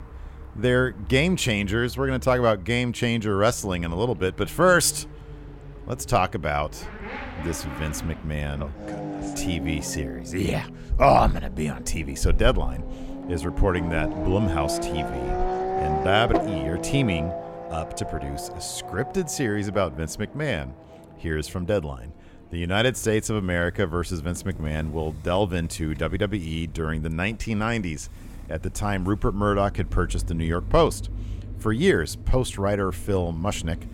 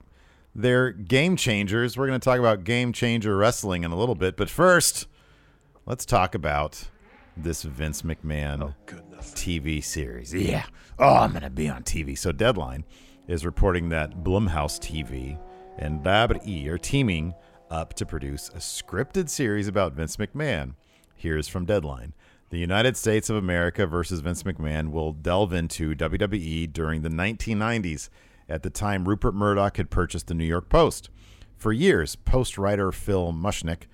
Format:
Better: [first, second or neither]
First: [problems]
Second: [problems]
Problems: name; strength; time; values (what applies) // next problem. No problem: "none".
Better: second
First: traffic noise; loud; throughout; 9 dB below the speech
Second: traffic noise; faint; throughout; 30 dB below the speech